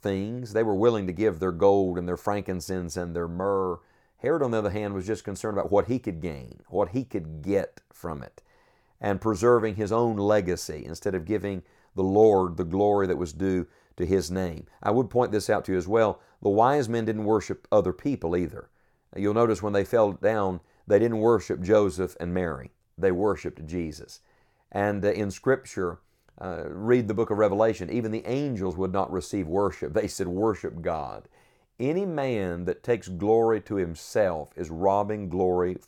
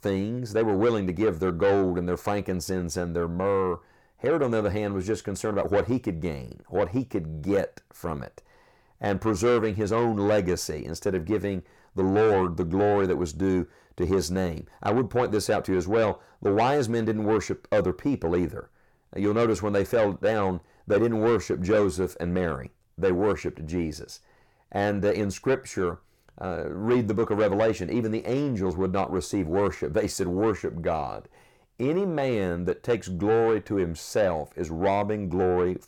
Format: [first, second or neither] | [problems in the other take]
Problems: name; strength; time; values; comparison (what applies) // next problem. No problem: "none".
first | distortion; slight; 10 dB below the speech